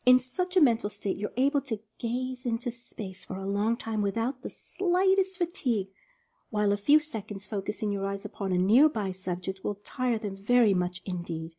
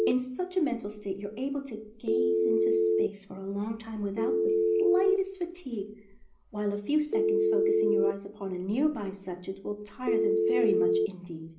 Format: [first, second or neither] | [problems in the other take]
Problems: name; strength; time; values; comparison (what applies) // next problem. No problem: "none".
first | background sound (Telephone); 3 dB above the speech // room echo; dies away in 0.5 s